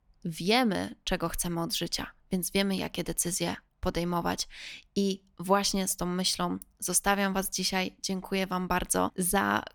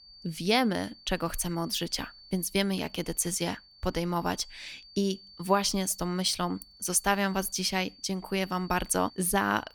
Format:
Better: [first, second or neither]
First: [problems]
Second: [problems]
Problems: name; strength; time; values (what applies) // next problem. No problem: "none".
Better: first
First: none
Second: high-pitched whine; faint; throughout; 4.5 kHz, 20 dB below the speech